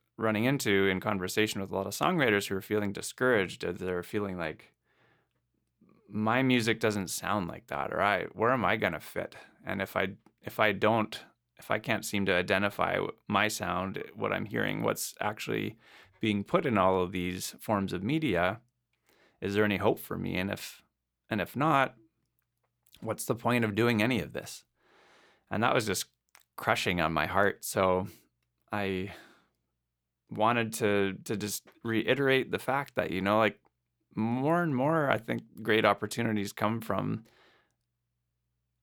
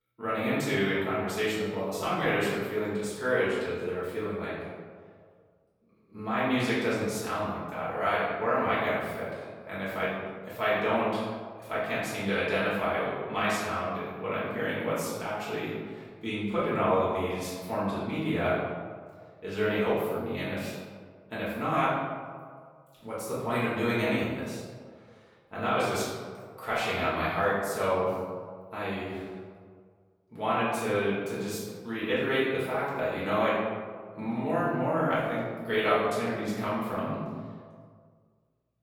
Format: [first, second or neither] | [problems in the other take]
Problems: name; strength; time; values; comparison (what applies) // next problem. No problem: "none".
first | room echo; strong; dies away in 1.3 s // off-mic speech; far